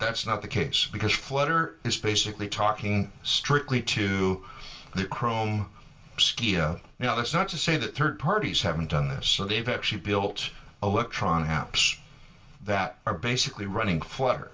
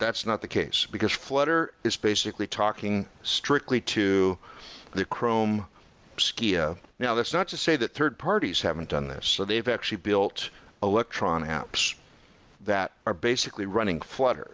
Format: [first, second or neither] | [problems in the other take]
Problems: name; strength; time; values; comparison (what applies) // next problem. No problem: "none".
second | room echo; dies away in 0.2 s